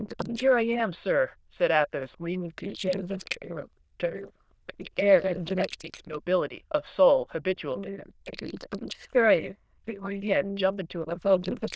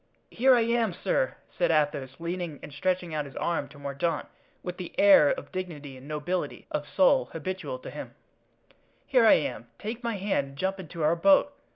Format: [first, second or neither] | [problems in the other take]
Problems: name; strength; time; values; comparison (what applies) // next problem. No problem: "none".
second | noise reduction (neural diffusion model UNIVERSE++)